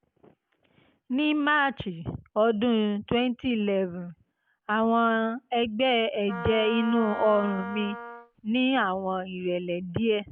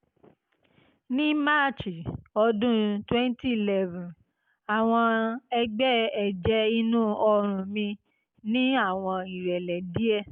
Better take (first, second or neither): second